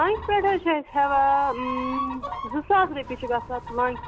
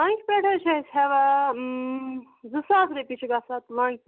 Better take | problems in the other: second | background sound (Chicken, rooster); 10 dB below the speech

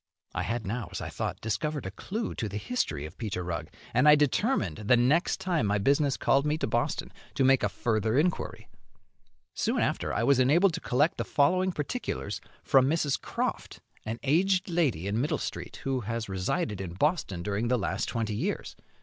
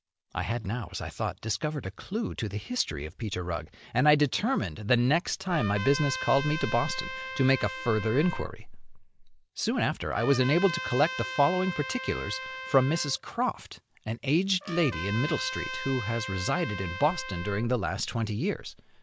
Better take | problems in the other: first | background sound (Trumpet); 9 dB below the speech

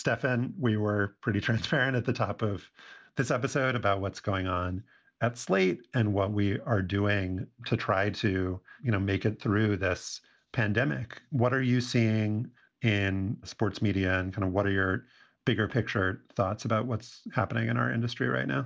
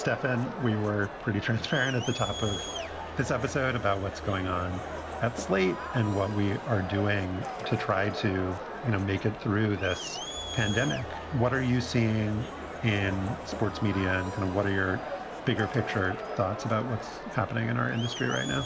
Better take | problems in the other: first | background sound (Crowd); 8 dB below the speech

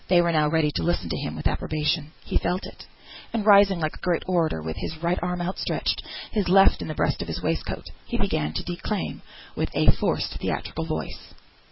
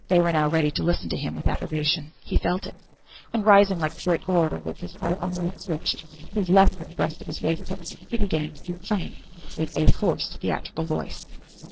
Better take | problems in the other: first | noise reduction (neural separator model SepFormer DNS4)

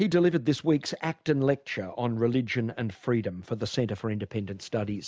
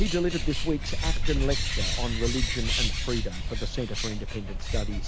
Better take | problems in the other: first | background sound (Bird); 5 dB above the speech

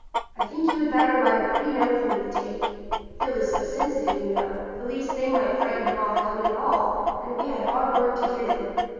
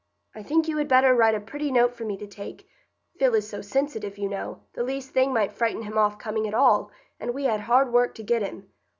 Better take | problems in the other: second | background sound (Chicken, rooster); 4 dB below the speech // room echo; dies away in 2.1 s

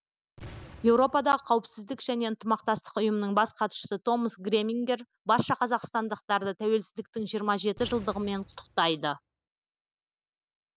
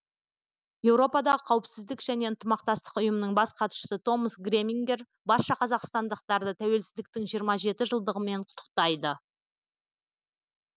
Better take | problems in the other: second | background sound (Boom); 19 dB below the speech

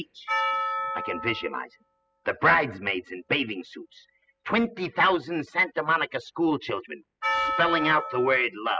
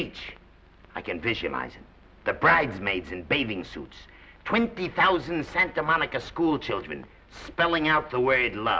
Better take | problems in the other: second | noise reduction (classical method spectral subtraction)

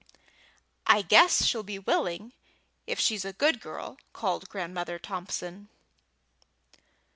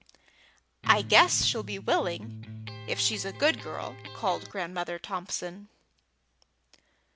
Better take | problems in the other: first | background sound (Electric guitar); 11 dB below the speech

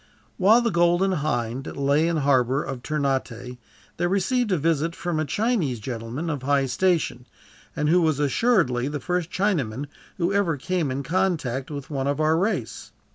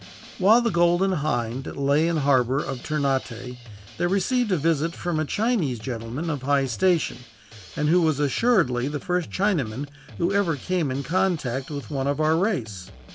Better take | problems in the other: first | background sound (Drum kit); 19 dB below the speech

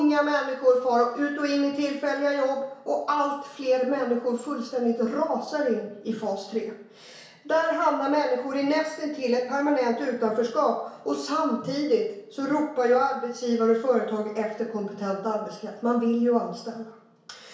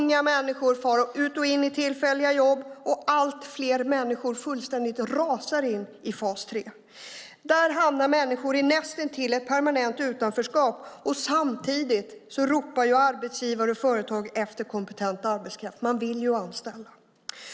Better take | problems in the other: second | room echo; dies away in 0.6 s

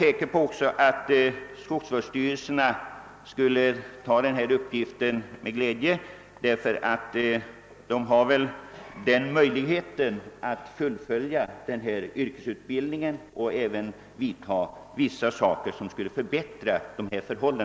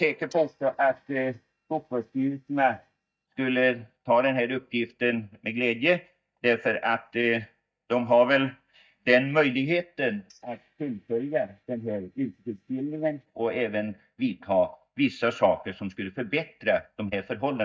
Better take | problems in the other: first | noise reduction (neural mask model DeepFilterNet 3)

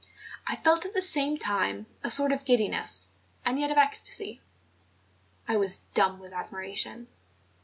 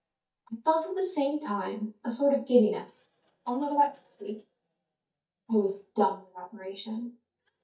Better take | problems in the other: first | noise reduction (neural mask model DeepFilterNet 3)

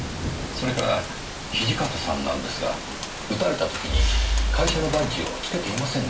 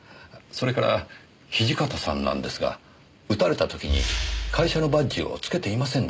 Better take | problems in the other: second | background sound (Rain); 7 dB below the speech // room echo; dies away in 0.3 s

